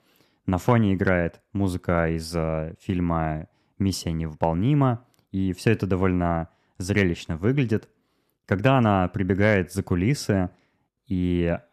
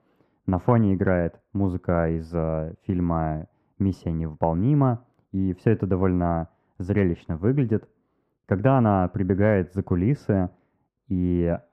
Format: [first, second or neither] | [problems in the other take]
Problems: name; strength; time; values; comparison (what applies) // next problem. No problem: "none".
first | muffled; very; fading above 2.5 kHz